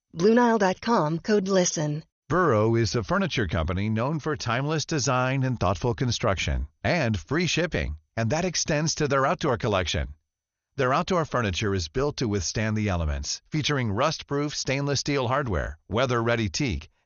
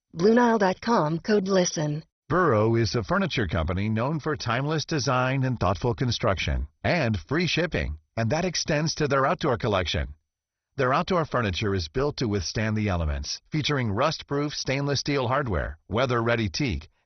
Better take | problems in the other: first | garbled, watery; badly; nothing above 6 kHz; slightly in the first

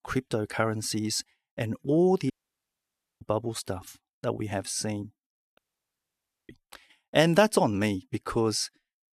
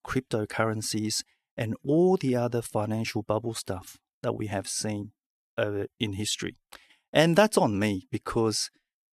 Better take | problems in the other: second | audio cutting out; at 2.5 s for 1 s and at 5.5 s for 1 s

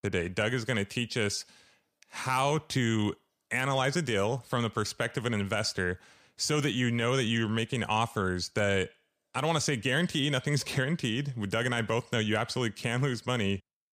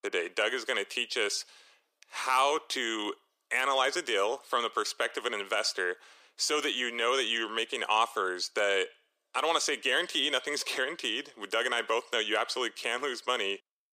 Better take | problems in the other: first | thin; very; fading below 350 Hz

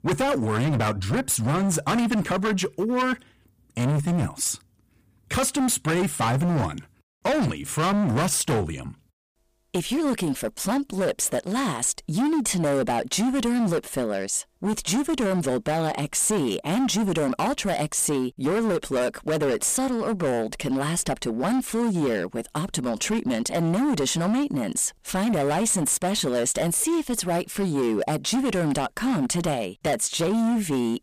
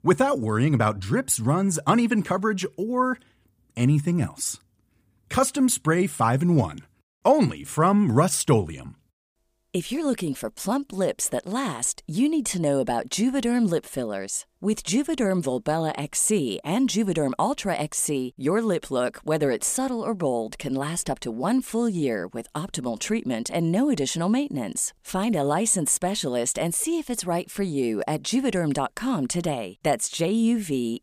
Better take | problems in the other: second | distortion; heavy; 22% of the sound clipped

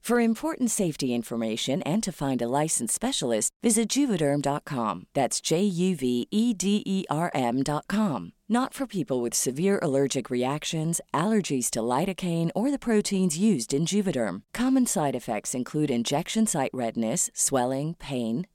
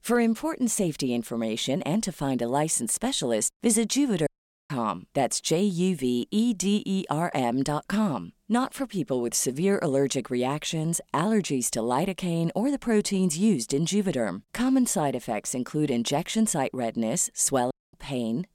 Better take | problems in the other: first | audio cutting out; at 4.5 s and at 18 s

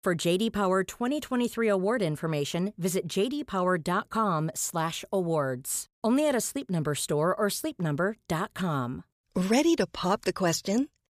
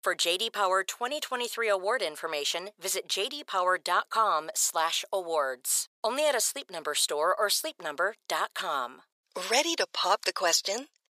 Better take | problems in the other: first | thin; very; fading below 600 Hz

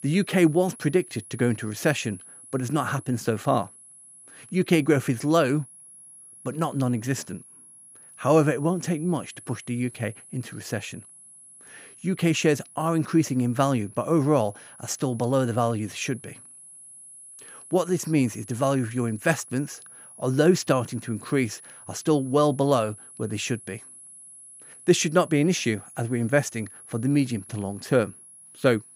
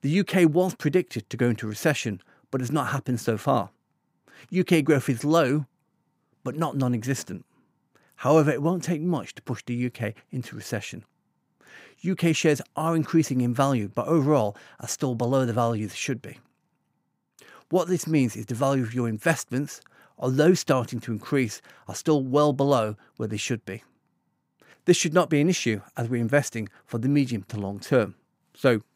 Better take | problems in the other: second | high-pitched whine; noticeable; throughout; 10.5 kHz, 20 dB below the speech

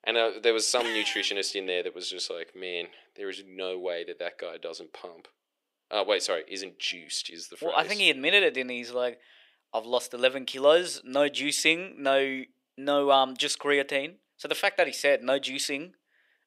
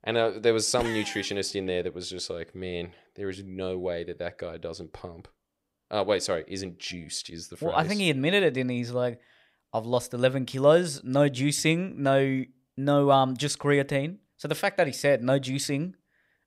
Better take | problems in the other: second | thin; somewhat; fading below 350 Hz

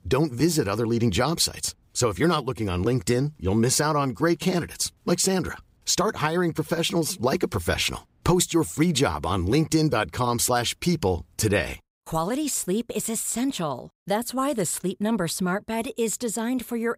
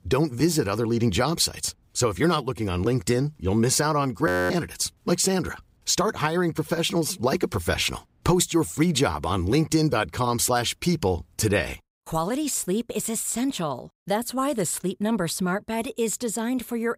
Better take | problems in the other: first | audio freezing; at 4.5 s

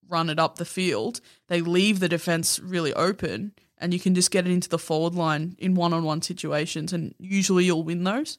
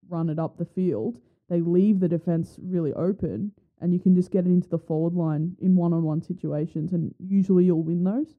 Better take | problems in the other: first | muffled; very; fading above 1 kHz

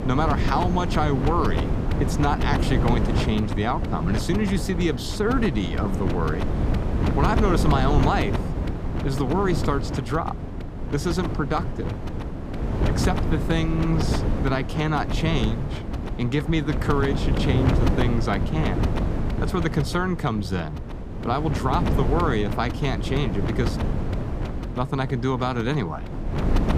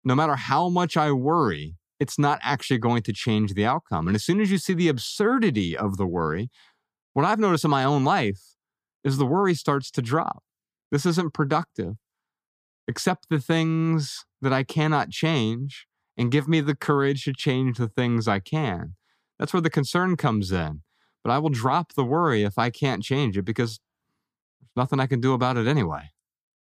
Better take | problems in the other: second | wind noise on the microphone; heavy; 5 dB below the speech

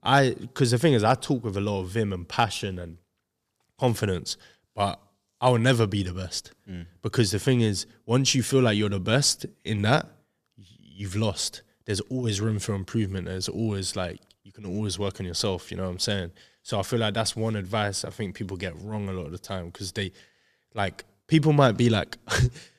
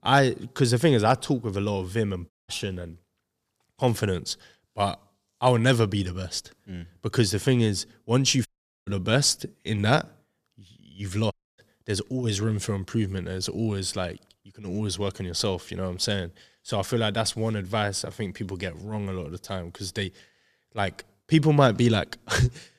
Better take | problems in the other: first | audio cutting out; at 2.5 s, at 8.5 s and at 11 s

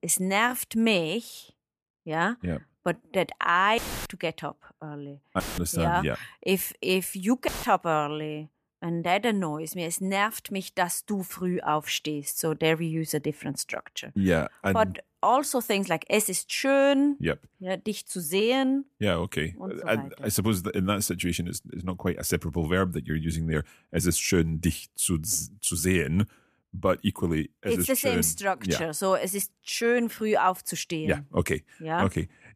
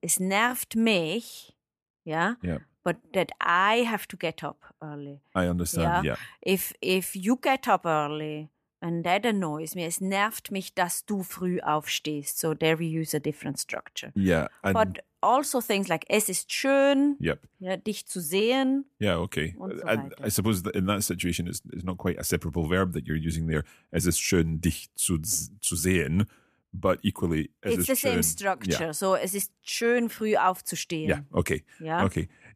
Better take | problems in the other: second | audio cutting out; filled with static; at 4 s, at 5.5 s and at 7.5 s

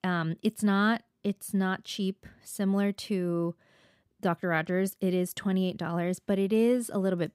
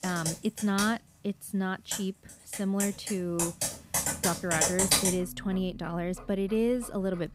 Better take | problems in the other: first | household noises; very loud; throughout; 2 dB above the speech

